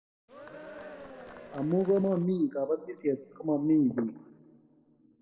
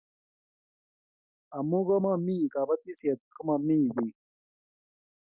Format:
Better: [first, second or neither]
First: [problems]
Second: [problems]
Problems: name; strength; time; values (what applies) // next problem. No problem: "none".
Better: second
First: background sound (Cheering); 16 dB below the speech // room echo; dies away in 1.5 s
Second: none